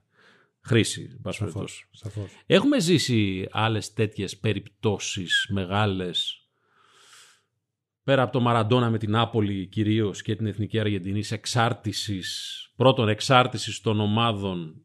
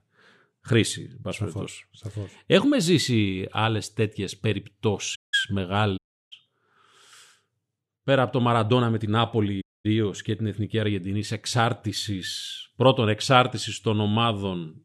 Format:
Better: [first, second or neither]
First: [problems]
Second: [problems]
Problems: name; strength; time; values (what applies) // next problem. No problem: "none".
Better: first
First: none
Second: audio cutting out; at 5 s, at 6 s and at 9.5 s